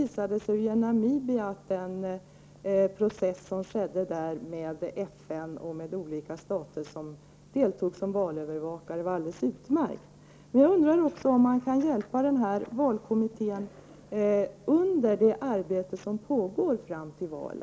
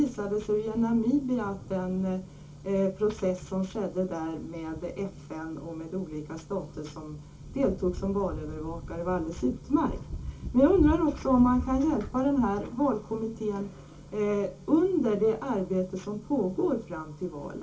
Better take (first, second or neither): first